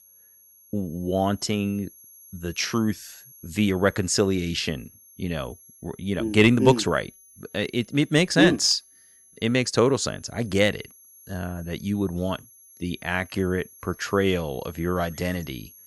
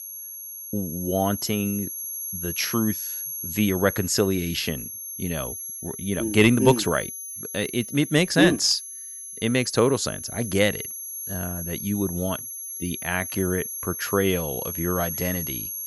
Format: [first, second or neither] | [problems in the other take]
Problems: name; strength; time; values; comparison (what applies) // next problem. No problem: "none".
first | high-pitched whine; loud; throughout; 11.5 kHz, 7 dB below the speech; faint in the first